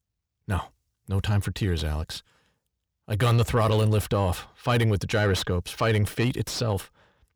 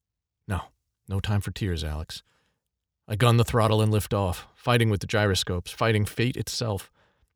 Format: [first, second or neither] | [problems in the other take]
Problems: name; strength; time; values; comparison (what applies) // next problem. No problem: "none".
second | distortion; slight; 10 dB below the speech